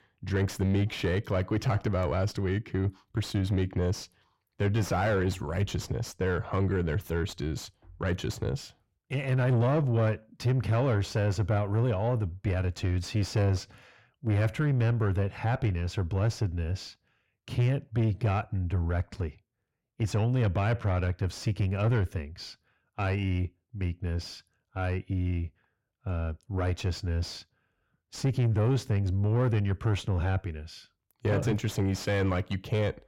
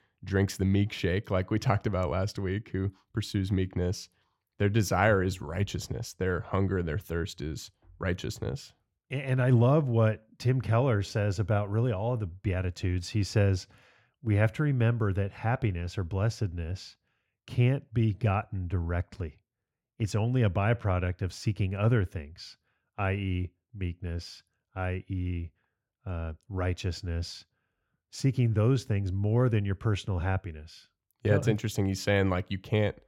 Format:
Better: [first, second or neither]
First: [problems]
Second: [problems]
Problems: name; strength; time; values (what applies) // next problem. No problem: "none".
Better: second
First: distortion; slight; 10 dB below the speech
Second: none